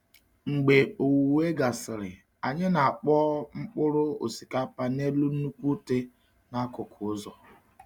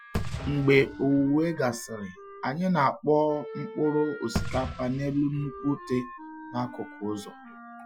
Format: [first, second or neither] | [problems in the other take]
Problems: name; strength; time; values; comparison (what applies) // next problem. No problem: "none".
first | noise reduction (classical method Wiener filter)